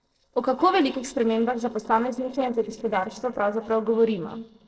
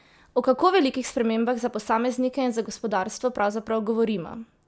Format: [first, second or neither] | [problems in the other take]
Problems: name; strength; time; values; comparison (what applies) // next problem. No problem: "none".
second | noise reduction (neural separator model SepFormer DNS4)